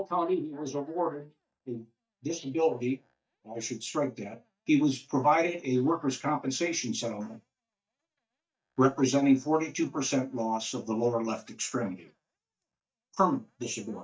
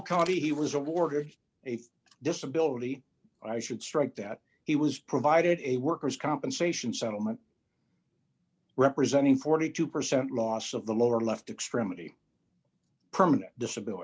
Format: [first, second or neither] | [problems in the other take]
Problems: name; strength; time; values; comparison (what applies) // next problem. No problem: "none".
second | noise reduction (neural mask model DeepFilterNet 3)